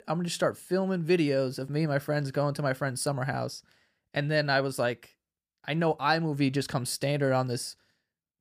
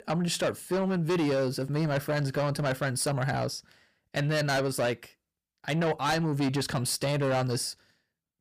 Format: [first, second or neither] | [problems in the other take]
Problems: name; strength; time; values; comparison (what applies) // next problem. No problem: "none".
first | distortion; heavy; 8 dB below the speech